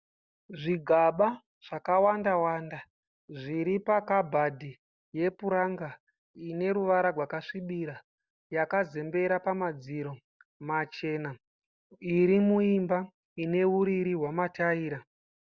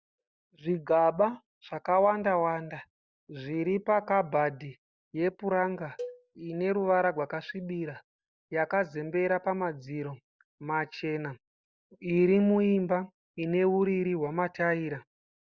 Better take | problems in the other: first | noise reduction (neural mask model DeepFilterNet 3)

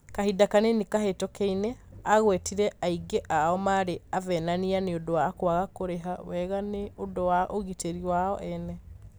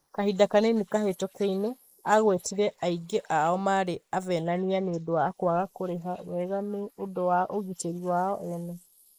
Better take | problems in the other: first | noise reduction (neural mask model Resemble Enhance denoiser)

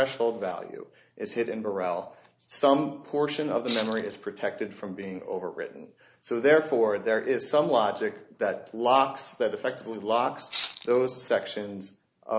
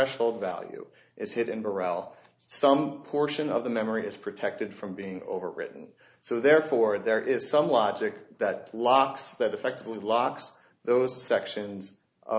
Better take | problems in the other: second | background sound (Rattle (instrument)); 10 dB below the speech

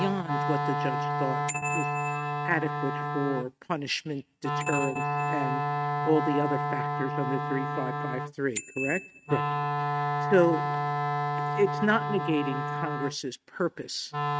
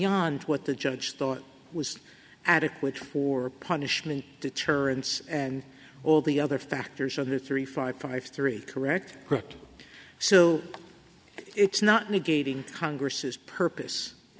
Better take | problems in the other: second | noise reduction (neural mask model RNNoise)

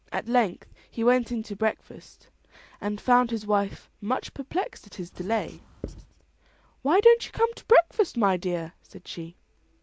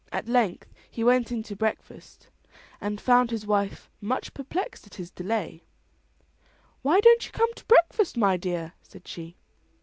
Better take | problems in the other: second | background sound (Writing); 17 dB below the speech

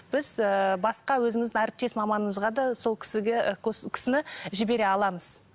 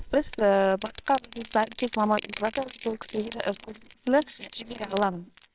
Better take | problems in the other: first | noise reduction (neural separator model SepFormer WHAMR!)

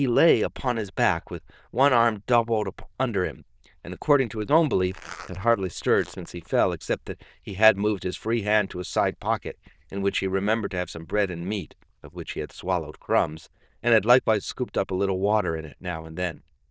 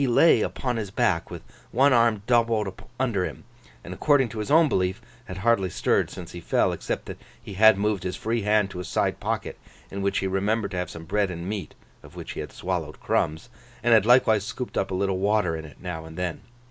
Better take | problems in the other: second | noise reduction (neural diffusion model UNIVERSE++)

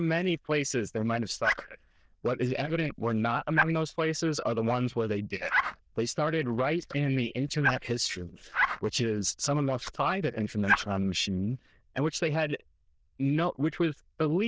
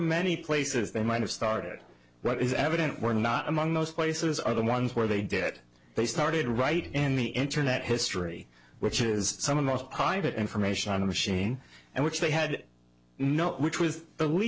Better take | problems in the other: second | noise reduction (neural diffusion model UNIVERSE++)

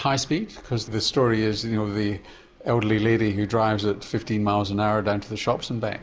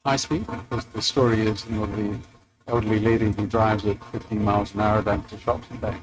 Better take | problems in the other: first | noise reduction (neural mask model RNNoise)

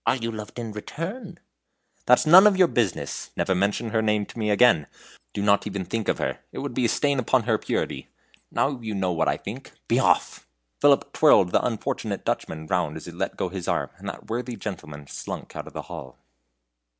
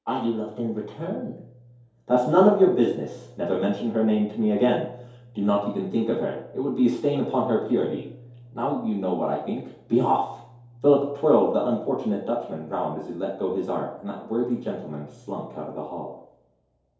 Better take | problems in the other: first | room echo; dies away in 2.4 s

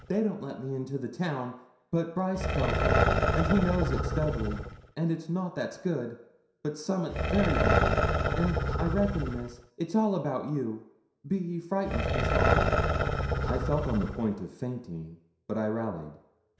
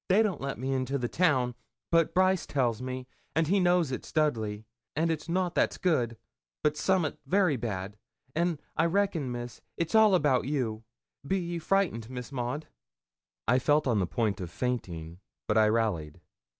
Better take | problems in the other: second | background sound (Growling); 1 dB above the speech // room echo; dies away in 0.7 s

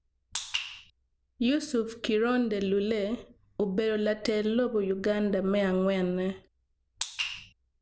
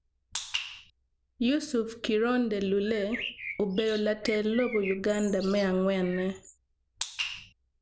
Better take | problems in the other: first | background sound (Bird); 12 dB below the speech

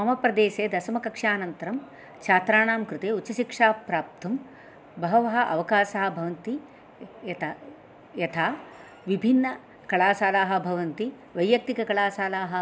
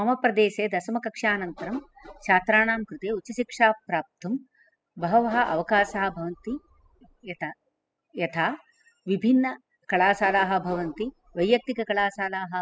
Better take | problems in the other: first | noise reduction (classical method spectral subtraction)

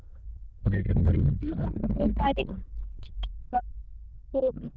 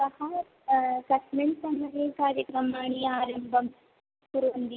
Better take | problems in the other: second | noise reduction (neural diffusion model UNIVERSE++)

